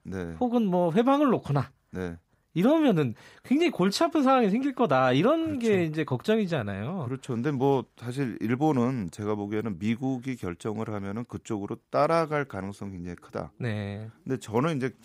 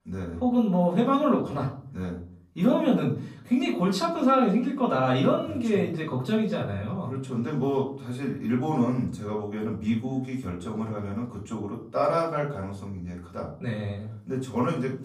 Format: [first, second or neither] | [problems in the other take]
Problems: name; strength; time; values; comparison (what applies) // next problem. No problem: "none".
first | off-mic speech; far // room echo; slight; dies away in 0.4 s